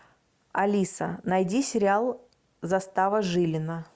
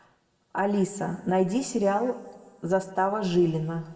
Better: first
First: none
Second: room echo; dies away in 1.3 s

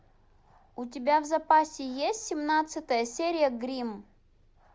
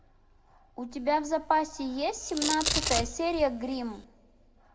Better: first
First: none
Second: background sound (Domestic sounds, home sounds); 4 dB below the speech // room echo; dies away in 0.2 s

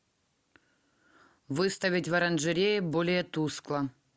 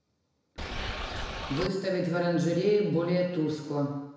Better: first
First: none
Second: background sound (Boat, Water vehicle); 5 dB below the speech // room echo; dies away in 1 s

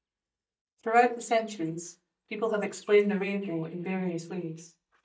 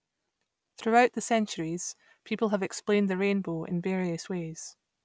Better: second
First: noise reduction (neural mask model DeepFilterNet 3)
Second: none

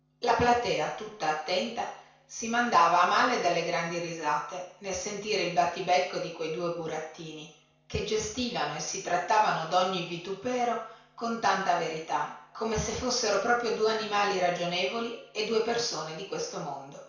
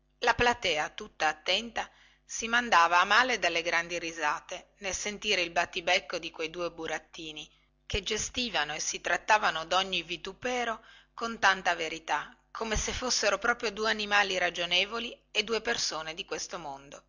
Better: second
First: room echo; dies away in 0.6 s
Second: none

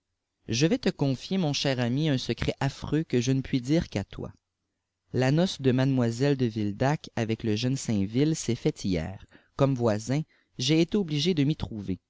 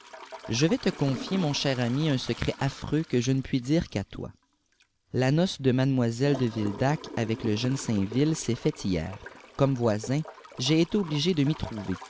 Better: first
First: none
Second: background sound (Toilet flush / Gurgling); 17 dB below the speech

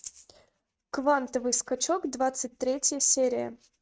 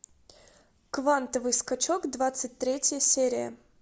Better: second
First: noise reduction (neural mask model RNNoise)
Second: none

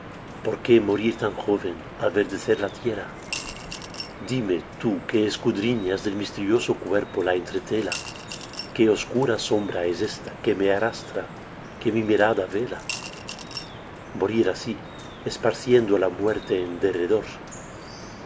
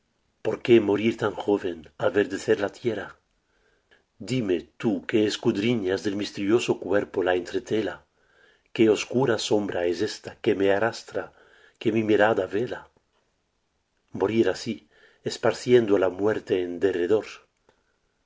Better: second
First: background sound (Coin (dropping) / Glass + Drip); 13 dB below the speech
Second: none

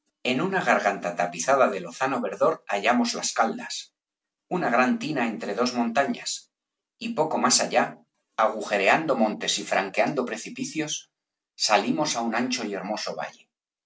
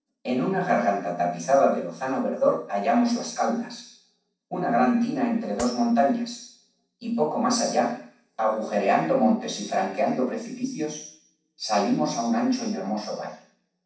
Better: first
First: none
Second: noise reduction (neural separator model SepFormer DNS4)

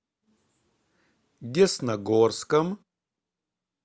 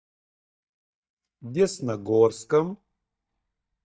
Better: first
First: none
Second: noise reduction (neural mask model DeepFilterNet 3)

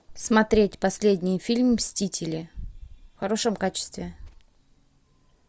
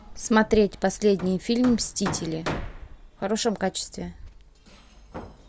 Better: first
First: none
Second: background sound (Hammer); 13 dB below the speech

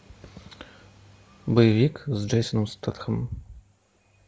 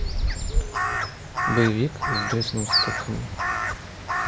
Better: first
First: none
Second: background sound (Crow); 3 dB above the speech

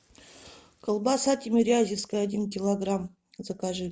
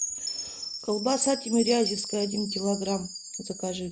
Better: first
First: none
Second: background sound (Chime); 6 dB below the speech

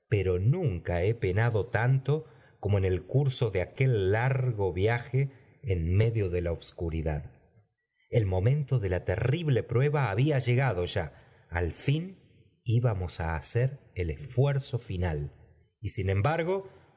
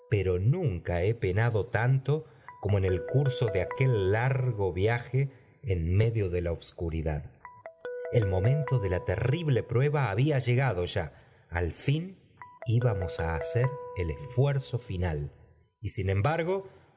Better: first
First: none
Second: background sound (Guitar); 15 dB below the speech

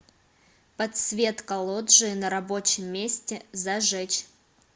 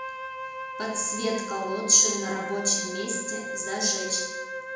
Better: first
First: none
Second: background sound (Wind instrument, woodwind instrument); 8 dB below the speech // room echo; dies away in 0.9 s

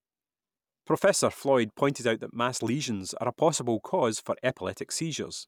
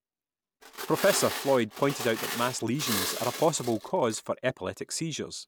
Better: first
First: none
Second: background sound (Glass); 7 dB below the speech

